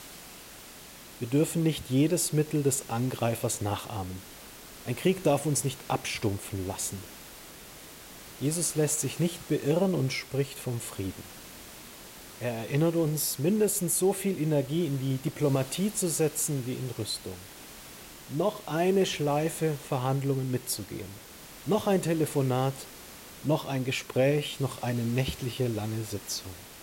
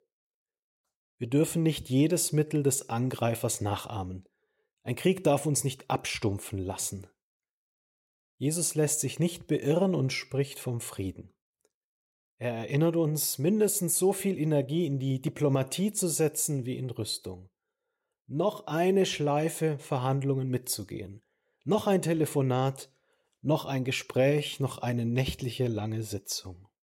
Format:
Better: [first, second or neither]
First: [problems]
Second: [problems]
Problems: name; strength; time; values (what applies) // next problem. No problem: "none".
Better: second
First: hiss; noticeable; throughout; 15 dB below the speech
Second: none